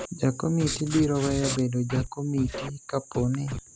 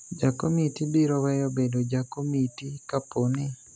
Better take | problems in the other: second | background sound (Writing + Scratching (performance technique)); 8 dB below the speech

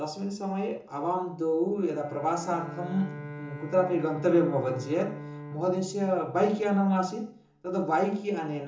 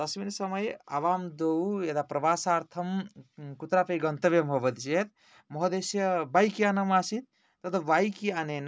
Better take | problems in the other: second | background sound (Bowed string instrument); 15 dB below the speech // room echo; dies away in 0.6 s

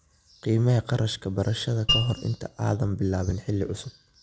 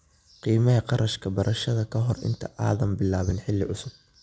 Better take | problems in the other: second | background sound (Mallet percussion); 3 dB below the speech

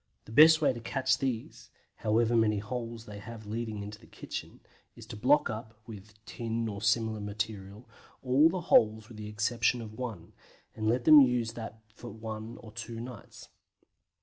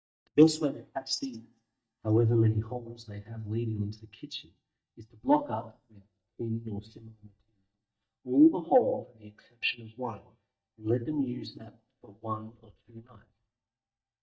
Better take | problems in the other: first | noise reduction (neural mask model DeepFilterNet 3)

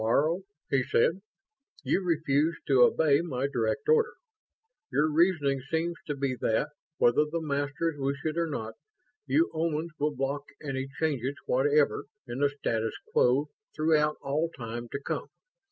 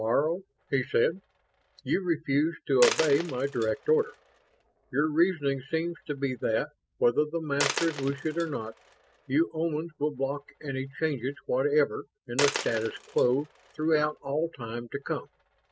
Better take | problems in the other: first | background sound (Coin (dropping)); 12 dB below the speech

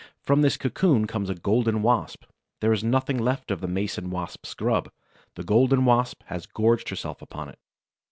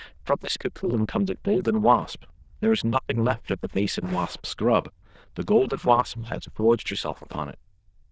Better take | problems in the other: first | noise reduction (neural diffusion model UNIVERSE++)

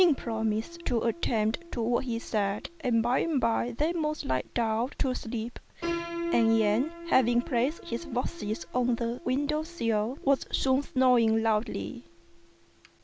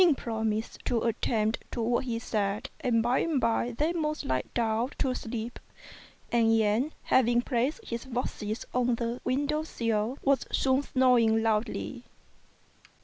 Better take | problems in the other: second | background sound (Piano); 14 dB below the speech

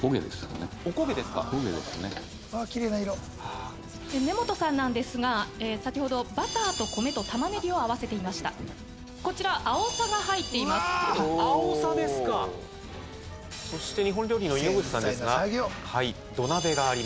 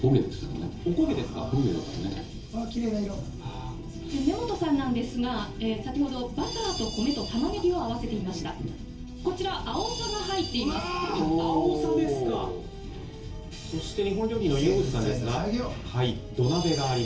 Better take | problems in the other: first | room echo; dies away in 0.3 s

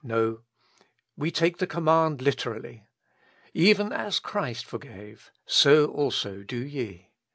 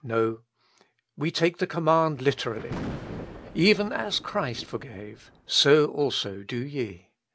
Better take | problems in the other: first | background sound (Thunder); 13 dB below the speech

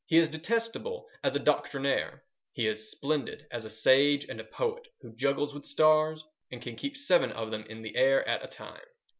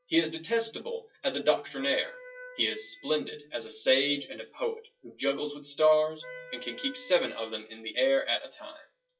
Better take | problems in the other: first | noise reduction (classical method WPE with log-MMSE)

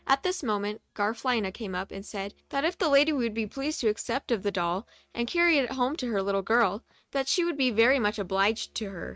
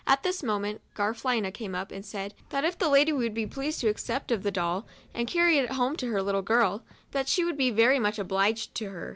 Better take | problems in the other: second | noise reduction (neural mask model RNNoise)

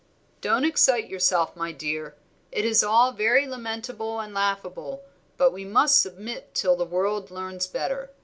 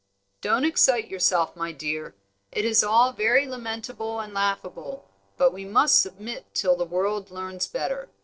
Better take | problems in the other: first | noise reduction (neural separator model SepFormer DNS4)

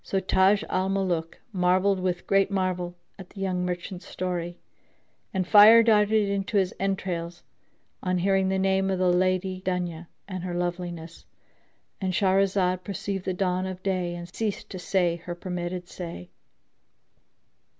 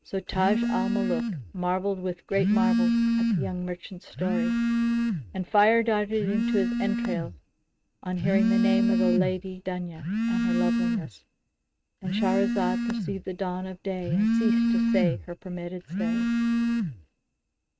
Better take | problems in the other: first | noise reduction (neural mask model RNNoise)

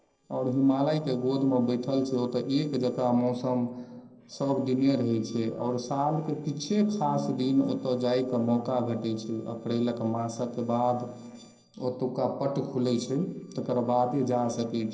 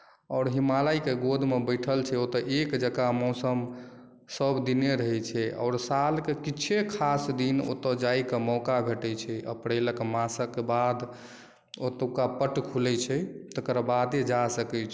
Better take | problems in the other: second | noise reduction (neural separator model SepFormer DNS4)

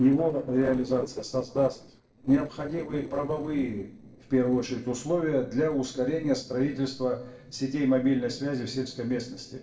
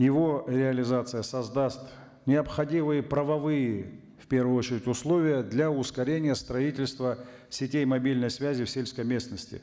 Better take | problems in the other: second | noise reduction (neural separator model SepFormer DNS4)

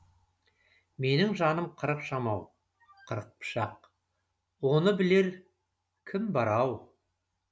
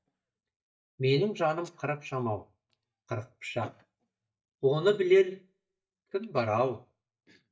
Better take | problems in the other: first | noise reduction (neural mask model DeepFilterNet 3)

